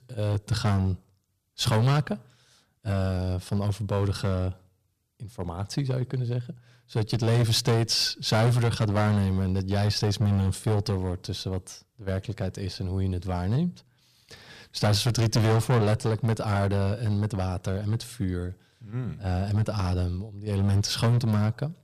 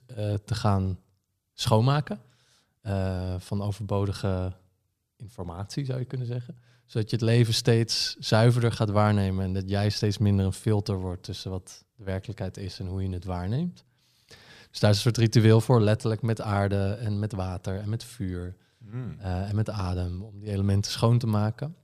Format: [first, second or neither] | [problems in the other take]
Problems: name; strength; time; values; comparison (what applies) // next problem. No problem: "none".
second | distortion; heavy; 7% of the sound clipped